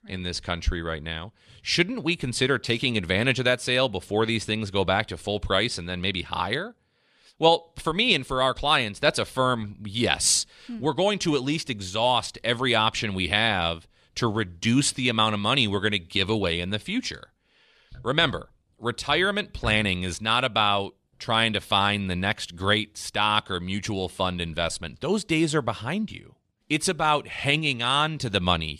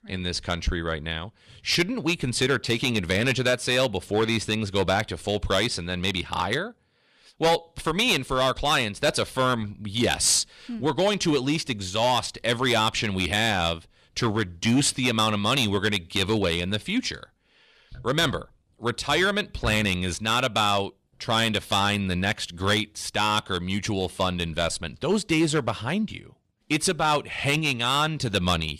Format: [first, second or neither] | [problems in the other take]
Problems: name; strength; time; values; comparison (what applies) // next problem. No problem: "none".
first | distortion; slight; 4% of the sound clipped